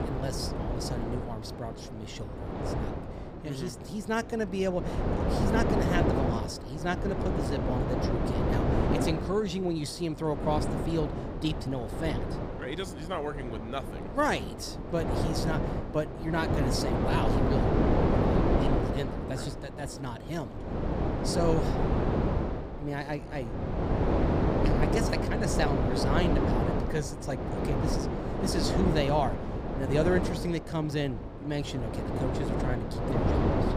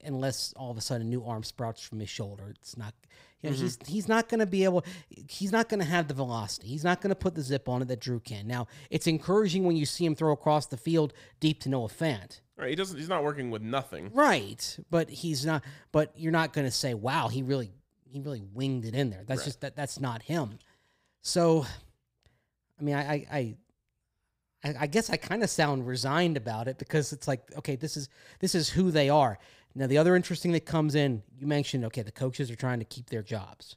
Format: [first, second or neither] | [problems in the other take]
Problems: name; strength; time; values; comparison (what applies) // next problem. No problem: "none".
second | wind noise on the microphone; heavy; 1 dB above the speech